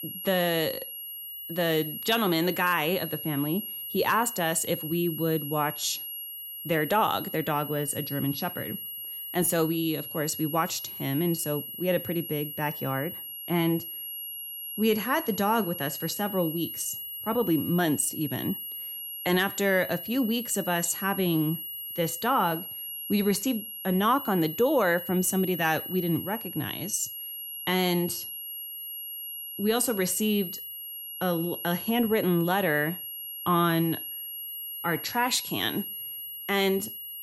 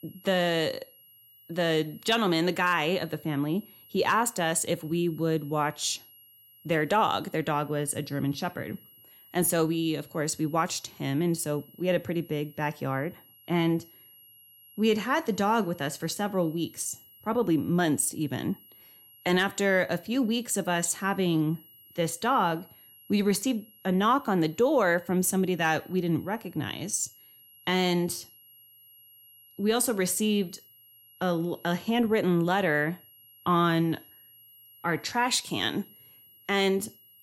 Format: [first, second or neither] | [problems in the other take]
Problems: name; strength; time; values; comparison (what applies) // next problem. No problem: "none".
second | high-pitched whine; loud; throughout; 11.5 kHz, 7 dB below the speech; faint in the second